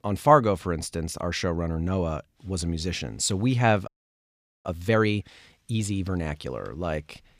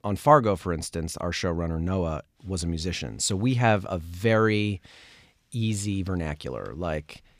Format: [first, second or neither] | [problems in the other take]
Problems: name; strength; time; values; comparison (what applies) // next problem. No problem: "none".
second | audio freezing; at 4 s for 1 s